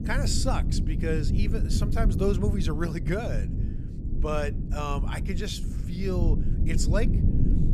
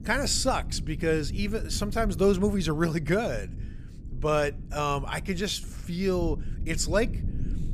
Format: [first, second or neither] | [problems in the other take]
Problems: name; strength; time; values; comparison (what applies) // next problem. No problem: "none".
second | low rumble; loud; throughout; 7 dB below the speech; faint in the second